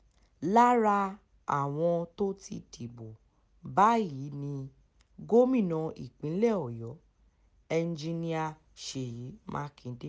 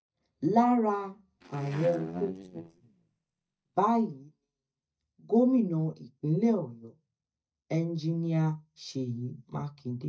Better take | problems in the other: first | noise reduction (neural mask model DeepFilterNet 3)

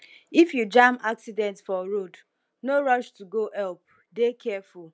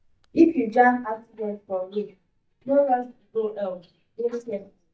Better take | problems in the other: first | noise reduction (neural mask model DeepFilterNet 3)

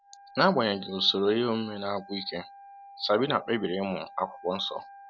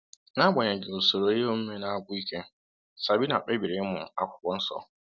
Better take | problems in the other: second | background sound (Wind instrument, woodwind instrument); 20 dB below the speech

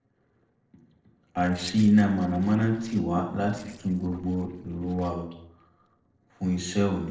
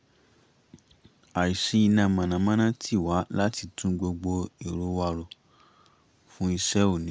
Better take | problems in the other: second | noise reduction (neural separator model SepFormer DNS4)

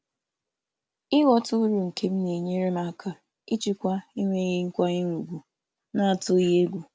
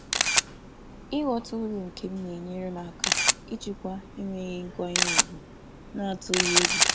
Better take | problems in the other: first | background sound (Camera); 5 dB above the speech

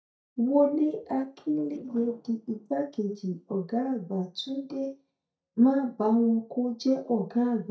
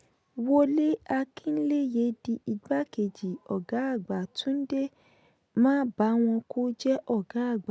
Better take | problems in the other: second | noise reduction (neural mask model DeepFilterNet 3)

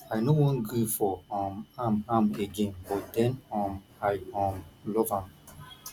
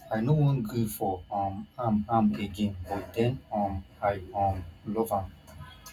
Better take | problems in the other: first | room echo; dies away in 0.3 s

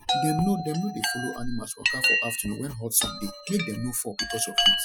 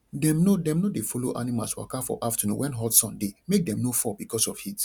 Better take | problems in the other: second | noise reduction (classical method Wiener filter)

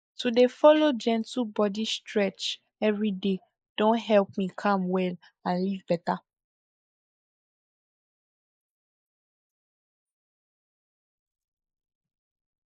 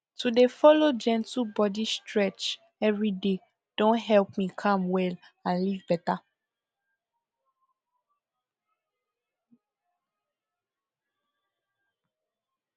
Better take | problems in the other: second | noise reduction (neural mask model Resemble Enhance denoiser)

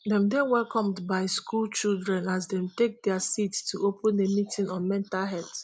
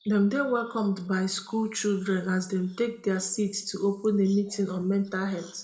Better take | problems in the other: first | room echo; dies away in 0.6 s

